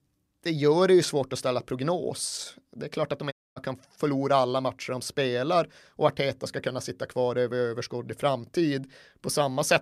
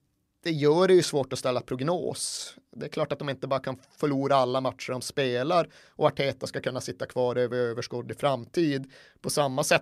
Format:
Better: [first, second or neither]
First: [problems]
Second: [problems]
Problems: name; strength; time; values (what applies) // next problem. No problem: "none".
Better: second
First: audio cutting out; at 3.5 s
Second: none